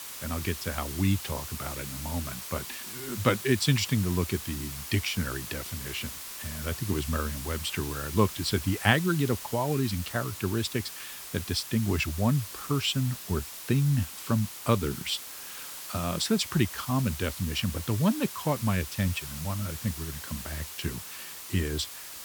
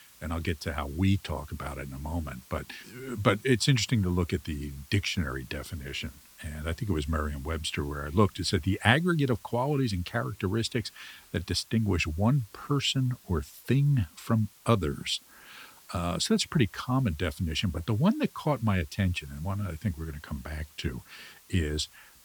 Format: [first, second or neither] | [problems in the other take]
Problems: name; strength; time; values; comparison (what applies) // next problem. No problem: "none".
second | hiss; loud; throughout; 8 dB below the speech; faint in the second